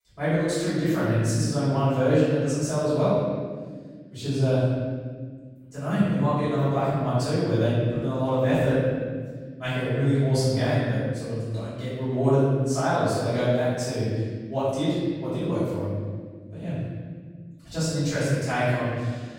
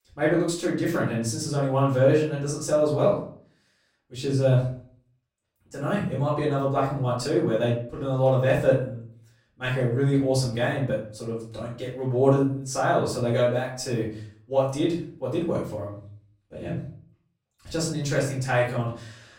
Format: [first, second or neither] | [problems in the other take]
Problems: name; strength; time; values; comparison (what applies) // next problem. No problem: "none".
second | room echo; strong; dies away in 1.7 s; slight in the second // off-mic speech; far; far in the second